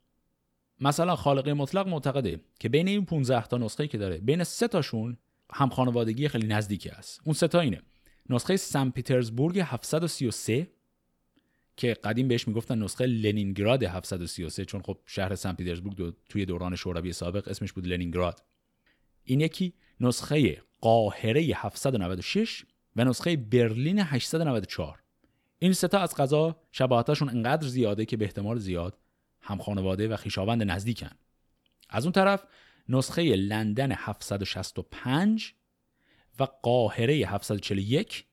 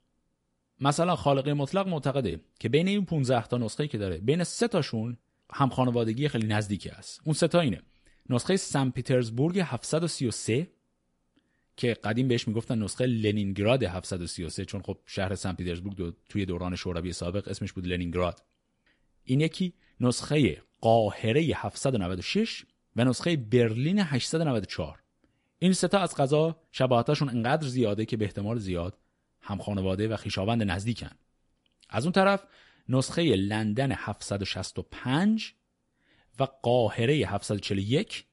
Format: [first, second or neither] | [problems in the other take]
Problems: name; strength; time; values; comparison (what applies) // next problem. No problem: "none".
first | garbled, watery; slightly; nothing above 11 kHz